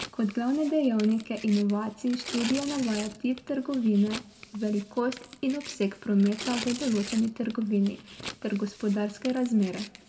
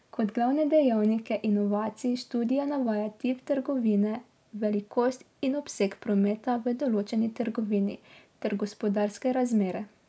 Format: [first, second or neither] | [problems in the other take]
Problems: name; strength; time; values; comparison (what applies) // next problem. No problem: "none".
second | background sound (Tearing); 14 dB below the speech // room echo; dies away in 0.5 s